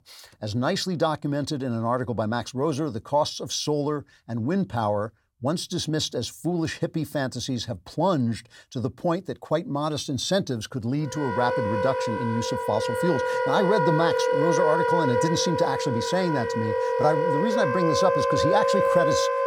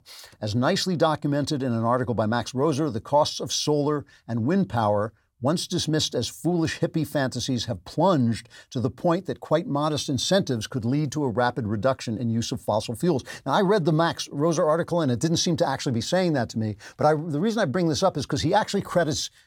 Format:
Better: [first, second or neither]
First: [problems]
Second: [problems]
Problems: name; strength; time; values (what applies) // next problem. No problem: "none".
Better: second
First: background music; very loud; from 11 s on; 2 dB above the speech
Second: none